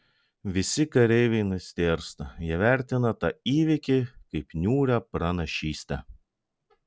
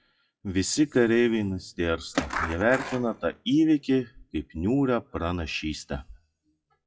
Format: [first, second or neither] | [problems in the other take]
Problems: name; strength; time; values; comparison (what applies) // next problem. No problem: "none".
first | noise reduction (classical method WPE with log-MMSE)